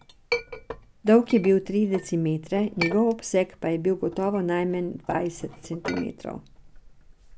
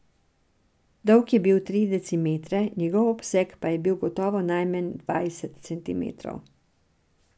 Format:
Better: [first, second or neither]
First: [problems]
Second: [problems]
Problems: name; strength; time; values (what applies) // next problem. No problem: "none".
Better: second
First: background sound (Chink, clink); 13 dB below the speech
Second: none